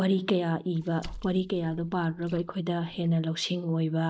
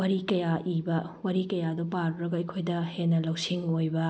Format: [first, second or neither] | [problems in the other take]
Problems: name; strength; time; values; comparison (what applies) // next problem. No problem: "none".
second | noise reduction (neural mask model DeepFilterNet 3)